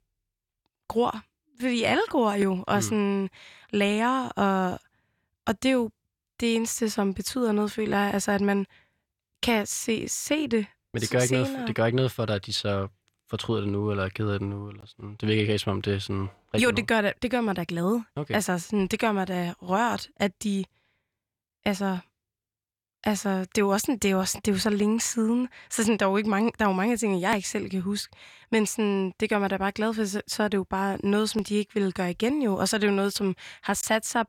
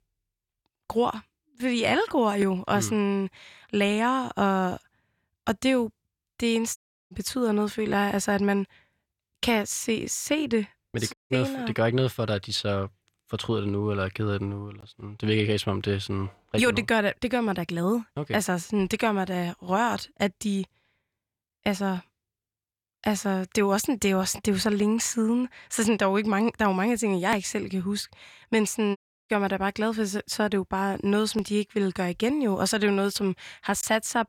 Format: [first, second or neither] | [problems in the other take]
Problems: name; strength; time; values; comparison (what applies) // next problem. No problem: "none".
first | audio cutting out; at 7 s, at 11 s and at 29 s